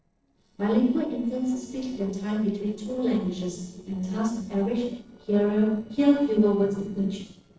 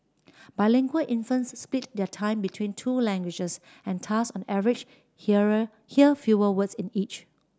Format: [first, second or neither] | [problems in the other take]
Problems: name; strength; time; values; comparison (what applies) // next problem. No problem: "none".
second | noise reduction (neural separator model SepFormer DNS4)